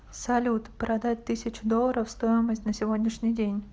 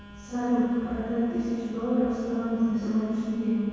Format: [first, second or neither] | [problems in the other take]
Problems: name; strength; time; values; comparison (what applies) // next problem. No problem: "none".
first | background sound (Telephone); 19 dB below the speech // room echo; dies away in 2 s